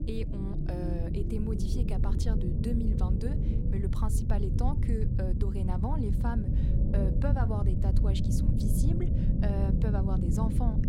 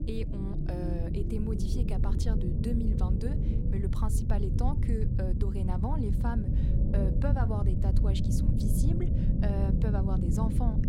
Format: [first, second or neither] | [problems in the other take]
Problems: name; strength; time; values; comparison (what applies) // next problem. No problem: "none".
neither | low rumble; loud; throughout; 1 dB below the speech; the same in both